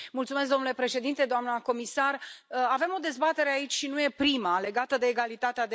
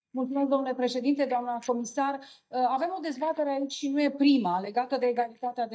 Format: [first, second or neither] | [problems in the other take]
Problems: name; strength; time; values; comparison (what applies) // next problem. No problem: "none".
first | noise reduction (neural mask model DeepFilterNet 3)